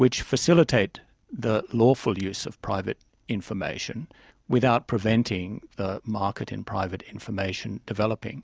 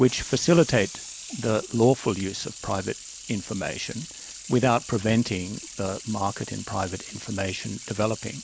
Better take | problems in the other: first | background sound (Sink (filling or washing) / Water tap, faucet); 14 dB below the speech

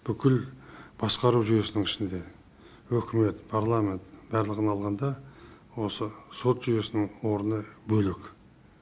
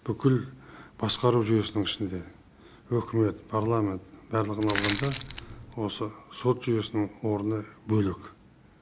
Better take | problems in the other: first | background sound (Crushing); 6 dB below the speech

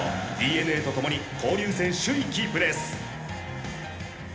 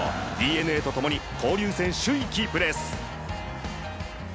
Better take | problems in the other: second | room echo; dies away in 0.8 s

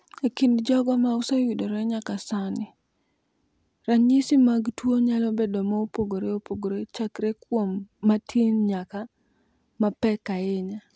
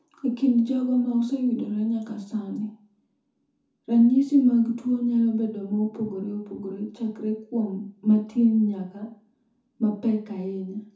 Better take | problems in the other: first | room echo; dies away in 0.7 s

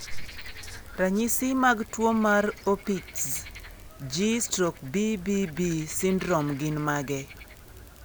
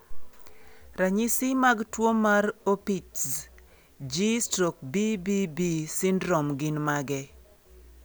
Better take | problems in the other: second | background sound (Frog); 17 dB below the speech

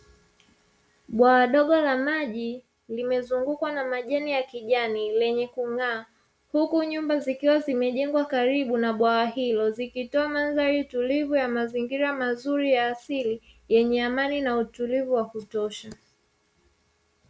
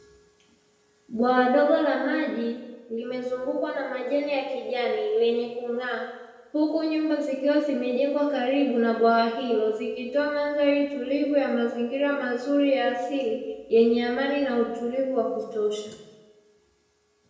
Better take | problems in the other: first | room echo; dies away in 0.9 s

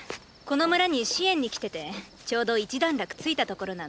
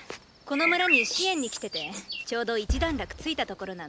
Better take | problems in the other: first | background sound (Bird + Boom); as loud as the speech

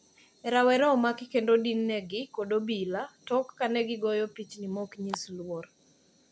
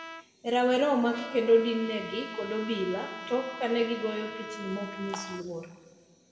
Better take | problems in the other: first | background sound (Trumpet); 13 dB below the speech // room echo; dies away in 1.4 s

